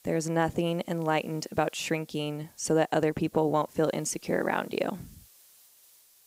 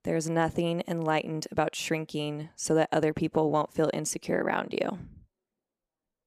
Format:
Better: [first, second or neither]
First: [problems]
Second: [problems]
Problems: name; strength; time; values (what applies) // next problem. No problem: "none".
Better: second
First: hiss; faint; throughout; 25 dB below the speech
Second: none